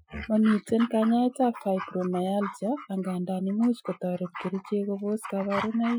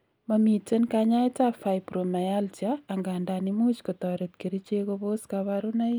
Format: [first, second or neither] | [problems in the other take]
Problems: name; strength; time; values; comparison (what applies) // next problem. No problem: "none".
second | noise reduction (classical method Wiener filter)